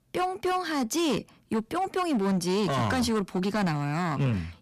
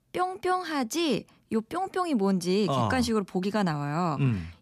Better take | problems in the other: second | distortion; slight; 16% of the sound clipped

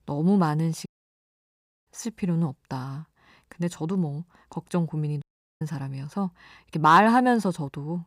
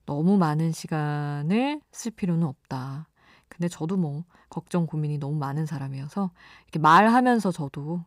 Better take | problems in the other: second | audio cutting out; at 1 s for 1 s and at 5 s

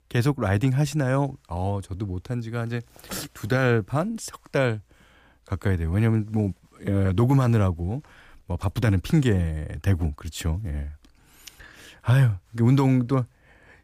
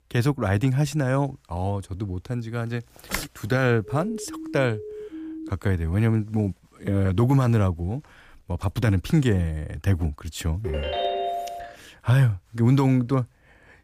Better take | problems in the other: first | keyboard typing; noticeable; at 3 s; peak 9 dB below the speech // siren; faint; from 4 to 5.5 s; peak 10 dB below the speech // phone ringing; noticeable; from 11 to 12 s; peak 1 dB below the speech

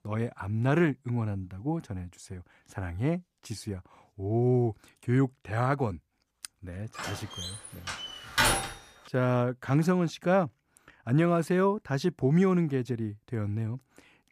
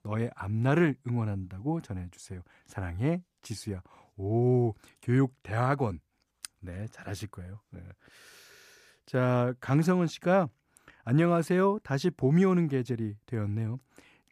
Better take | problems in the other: second | door banging; loud; from 7 to 8.5 s; peak 4 dB above the speech

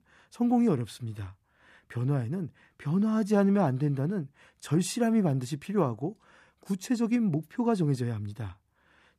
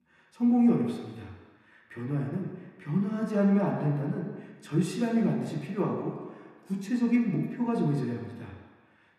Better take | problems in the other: first | room echo; noticeable; dies away in 1.5 s // off-mic speech; somewhat distant

